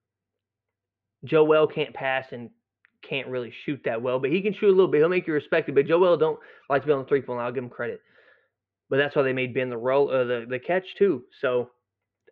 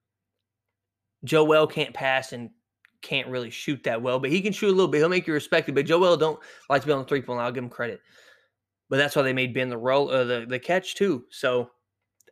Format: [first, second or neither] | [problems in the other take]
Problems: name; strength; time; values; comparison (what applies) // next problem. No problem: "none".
second | muffled; very; fading above 3 kHz